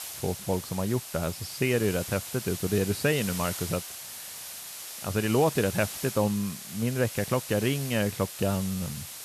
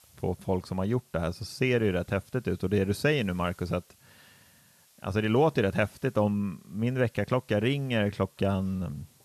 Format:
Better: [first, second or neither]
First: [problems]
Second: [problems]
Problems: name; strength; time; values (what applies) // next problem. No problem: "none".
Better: second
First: hiss; loud; throughout; 8 dB below the speech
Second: hiss; faint; throughout; 30 dB below the speech